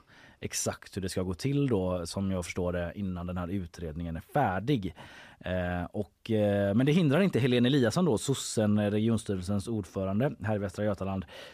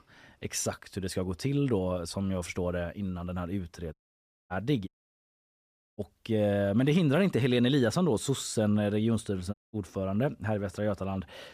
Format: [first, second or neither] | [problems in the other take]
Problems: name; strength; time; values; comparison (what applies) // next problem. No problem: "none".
first | audio cutting out; at 4 s for 0.5 s, at 5 s for 1 s and at 9.5 s